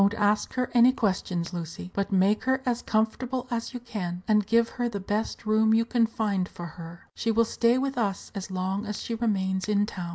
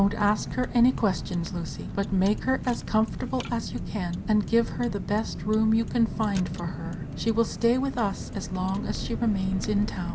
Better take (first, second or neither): first